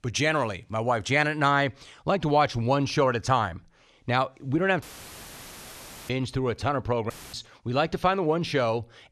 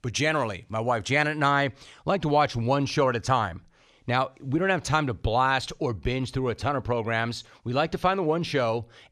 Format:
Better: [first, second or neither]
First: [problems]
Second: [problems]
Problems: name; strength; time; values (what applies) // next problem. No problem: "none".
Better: second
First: audio cutting out; filled with static; at 5 s for 1.5 s and at 7 s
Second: none